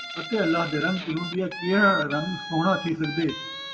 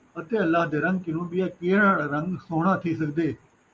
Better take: second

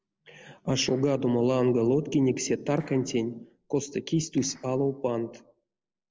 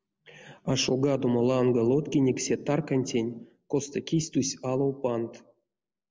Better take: second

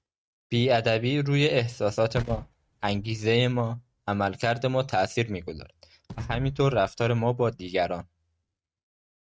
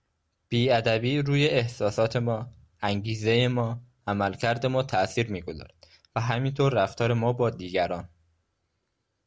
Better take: second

